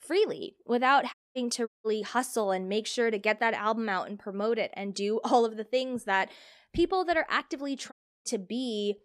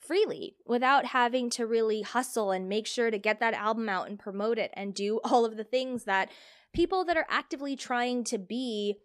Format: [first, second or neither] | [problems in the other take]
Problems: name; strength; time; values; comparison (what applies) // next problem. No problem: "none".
second | audio cutting out; at 1 s, at 1.5 s and at 8 s